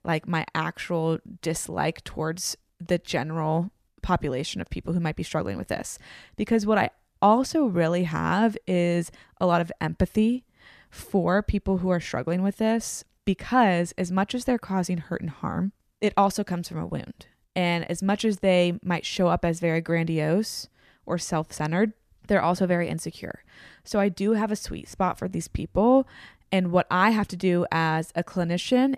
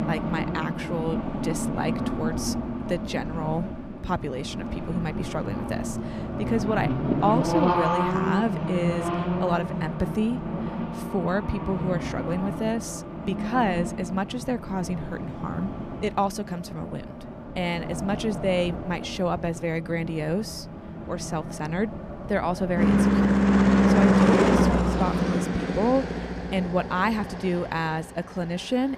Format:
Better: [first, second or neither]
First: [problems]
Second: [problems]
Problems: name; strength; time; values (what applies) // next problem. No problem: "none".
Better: first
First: none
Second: traffic noise; very loud; throughout; 2 dB above the speech